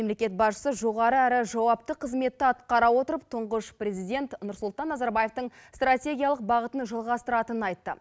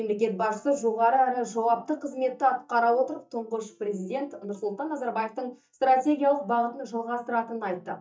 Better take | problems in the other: first | noise reduction (neural mask model DeepFilterNet 3)

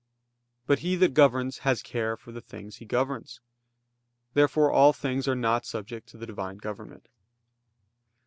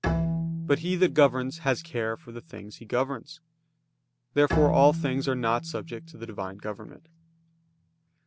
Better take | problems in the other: first | background sound (Bowed string instrument); 6 dB below the speech

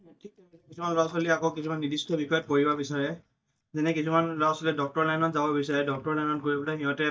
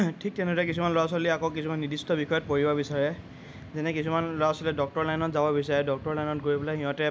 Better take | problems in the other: second | noise reduction (neural mask model DeepFilterNet 3)

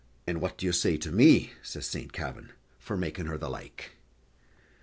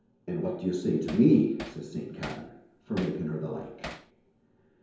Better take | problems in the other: first | background sound (Hammer); 16 dB below the speech // room echo; dies away in 0.9 s

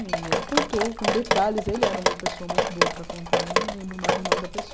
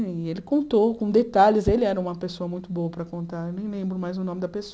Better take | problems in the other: second | background sound (Drip); 4 dB above the speech

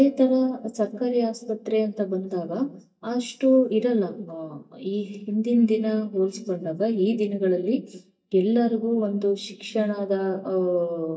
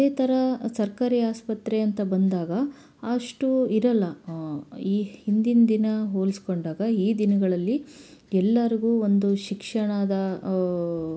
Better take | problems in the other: second | noise reduction (neural mask model DeepFilterNet 3)

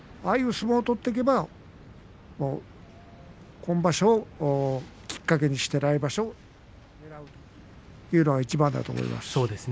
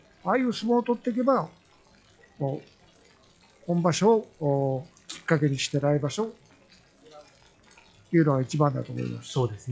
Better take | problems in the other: first | noise reduction (classical method log-MMSE)

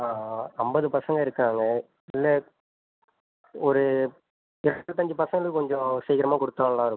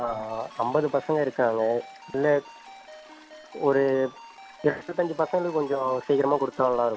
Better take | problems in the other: first | background sound (Ringtone + Toilet flush); 20 dB below the speech

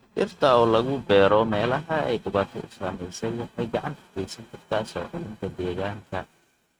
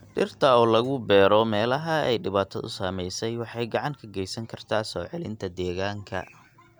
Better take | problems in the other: second | noise reduction (neural mask model RNNoise)

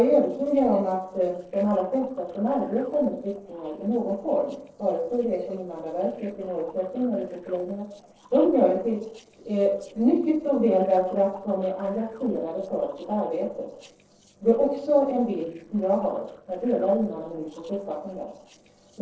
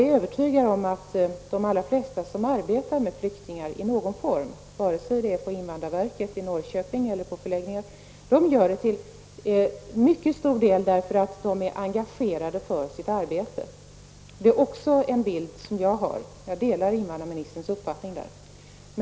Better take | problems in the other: second | noise reduction (neural separator model SepFormer DNS4)

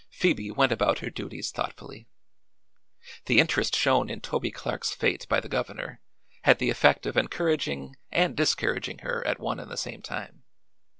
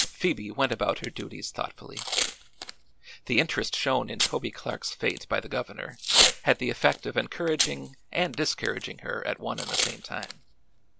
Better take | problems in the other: first | background sound (Packing tape, duct tape / Tearing); 3 dB below the speech

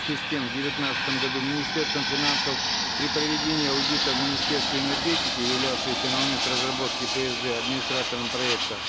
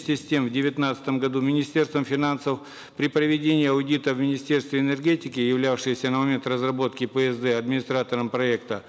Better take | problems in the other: second | background sound (Fixed-wing aircraft, airplane); 3 dB above the speech

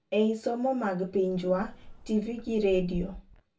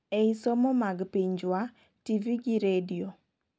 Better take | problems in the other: second | background sound (Insect); 15 dB below the speech // room echo; dies away in 0.2 s

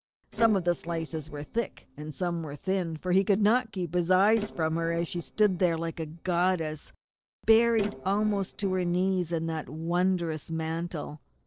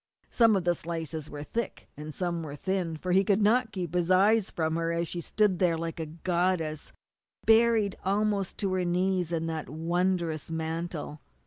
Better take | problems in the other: second | noise reduction (neural separator model SepFormer DNS4)

